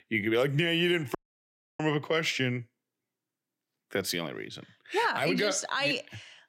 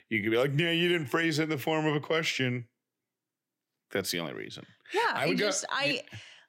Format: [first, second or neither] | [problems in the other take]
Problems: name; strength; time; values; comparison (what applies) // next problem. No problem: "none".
second | audio cutting out; at 1 s for 0.5 s